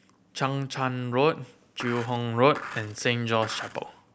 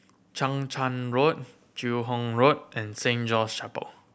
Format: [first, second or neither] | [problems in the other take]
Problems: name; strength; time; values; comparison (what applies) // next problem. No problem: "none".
second | background sound (Skateboard); 12 dB below the speech